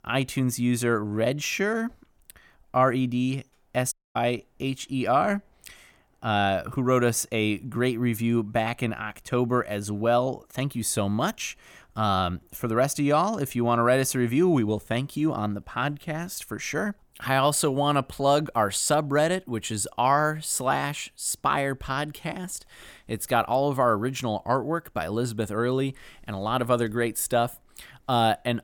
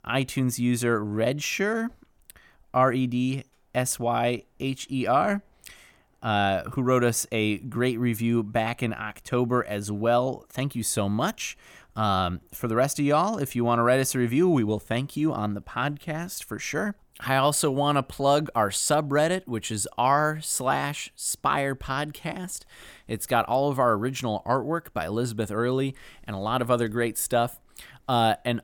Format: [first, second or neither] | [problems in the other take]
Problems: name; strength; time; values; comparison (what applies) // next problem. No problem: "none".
second | audio cutting out; at 4 s